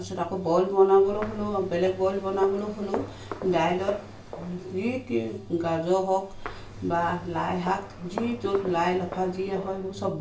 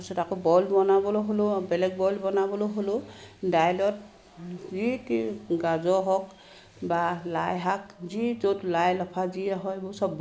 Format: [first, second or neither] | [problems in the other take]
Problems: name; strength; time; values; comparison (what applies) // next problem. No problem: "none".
second | background sound (Walk, footsteps); 13 dB below the speech // room echo; dies away in 0.2 s